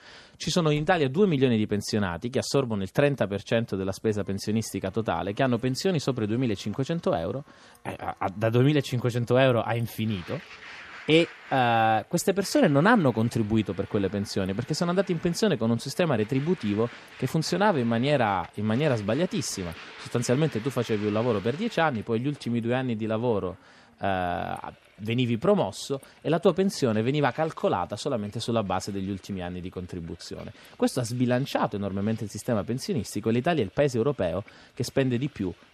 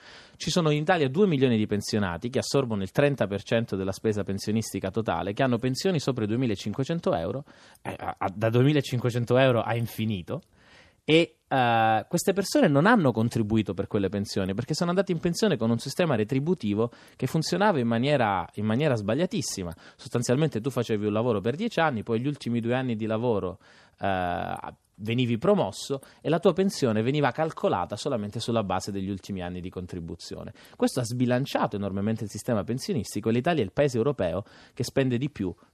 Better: second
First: household noises; faint; throughout; 20 dB below the speech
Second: none

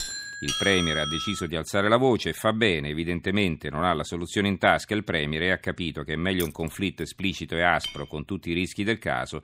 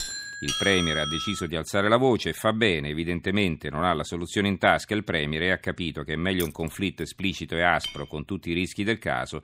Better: neither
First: doorbell; noticeable; until 1.5 s; peak 1 dB below the speech // jangling keys; faint; at 6.5 s; peak 10 dB below the speech // clattering dishes; noticeable; at 8 s; peak 10 dB below the speech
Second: doorbell; noticeable; until 1.5 s; peak 1 dB below the speech // jangling keys; faint; at 6.5 s; peak 10 dB below the speech // clattering dishes; noticeable; at 8 s; peak 10 dB below the speech

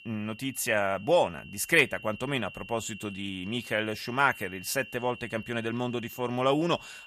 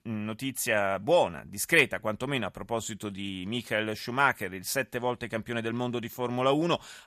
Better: second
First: high-pitched whine; noticeable; throughout; 3 kHz, 15 dB below the speech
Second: none

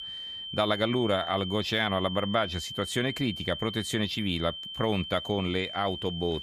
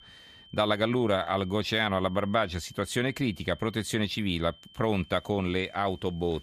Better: second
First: high-pitched whine; loud; throughout; 3 kHz, 7 dB below the speech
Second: high-pitched whine; faint; throughout; 3 kHz, 25 dB below the speech

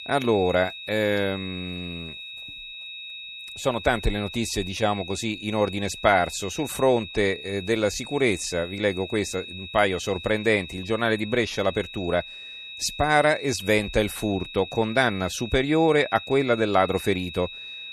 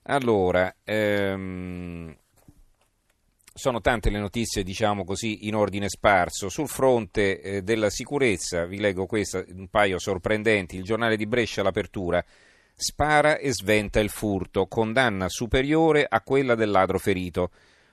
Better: second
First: high-pitched whine; noticeable; throughout; 4 kHz, 10 dB below the speech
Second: none

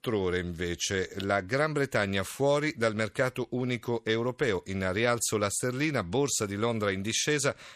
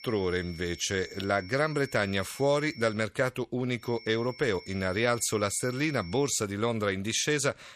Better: first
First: none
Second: high-pitched whine; noticeable; until 3 s and from 4 to 6.5 s; 5.5 kHz, 20 dB below the speech

